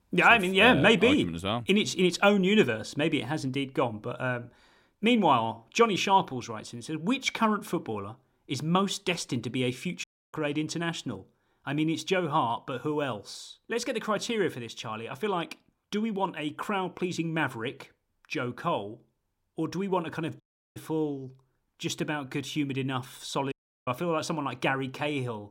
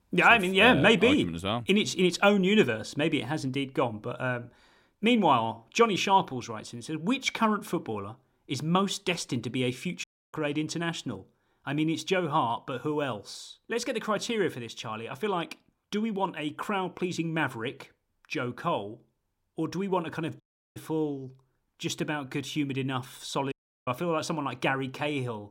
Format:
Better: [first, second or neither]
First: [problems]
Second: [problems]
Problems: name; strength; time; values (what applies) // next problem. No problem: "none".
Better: neither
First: audio cutting out; at 10 s, at 20 s and at 24 s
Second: audio cutting out; at 10 s, at 20 s and at 24 s